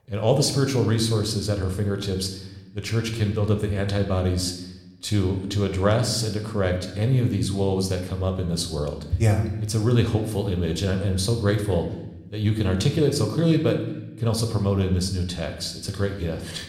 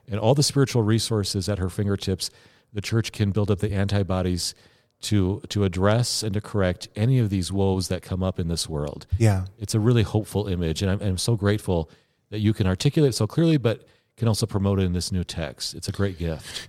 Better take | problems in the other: second | room echo; slight; dies away in 0.8 s

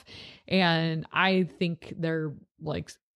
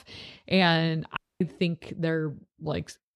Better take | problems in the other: first | audio cutting out; at 1 s

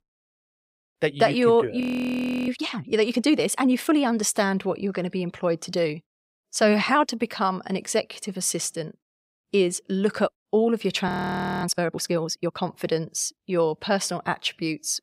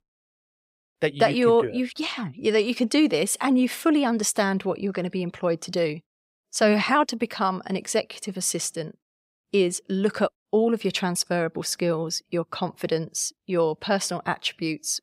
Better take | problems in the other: second | audio freezing; at 2 s for 0.5 s and at 11 s for 0.5 s

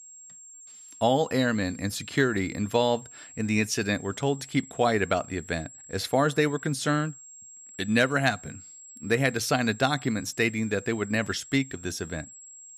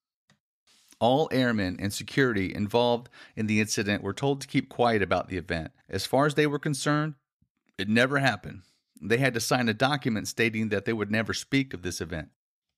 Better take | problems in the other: second | high-pitched whine; noticeable; throughout; 7.5 kHz, 20 dB below the speech

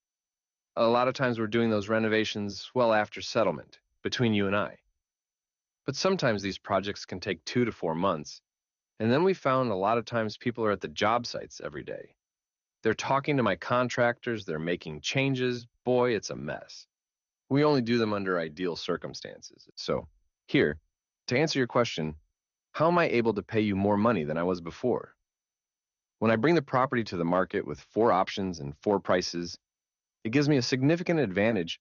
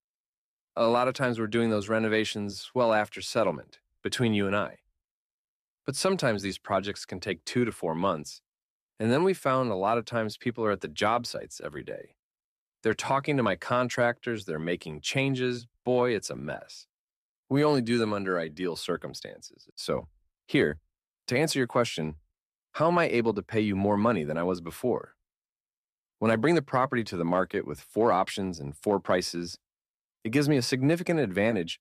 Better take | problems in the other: second | garbled, watery; slightly; nothing above 6.5 kHz

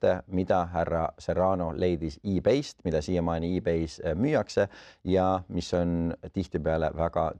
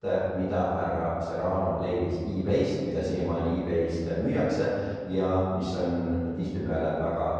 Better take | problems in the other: first | room echo; strong; dies away in 1.7 s // off-mic speech; far

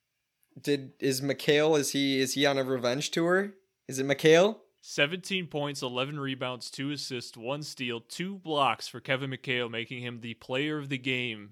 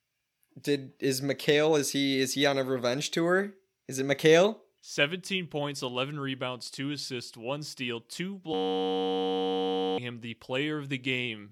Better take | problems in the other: first | audio freezing; at 8.5 s for 1.5 s

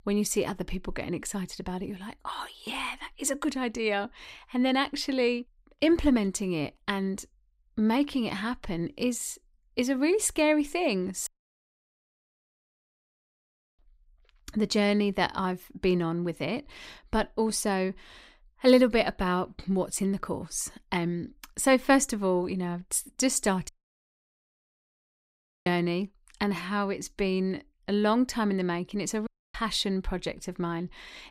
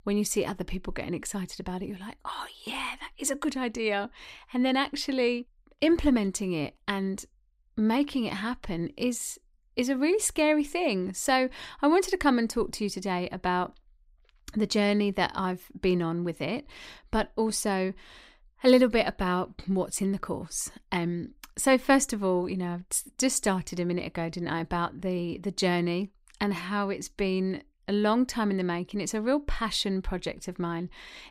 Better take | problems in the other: second | audio cutting out; at 11 s for 2.5 s, at 24 s for 2 s and at 29 s

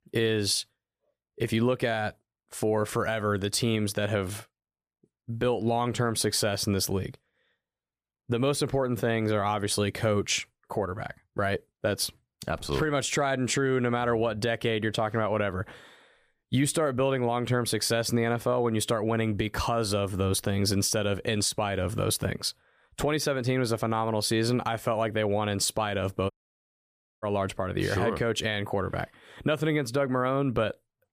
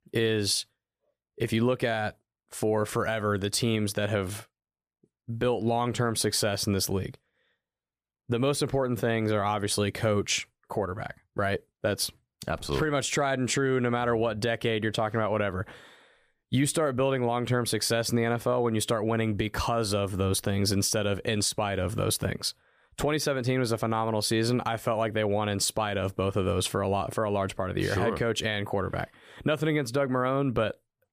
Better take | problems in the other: second | audio cutting out; at 26 s for 1 s

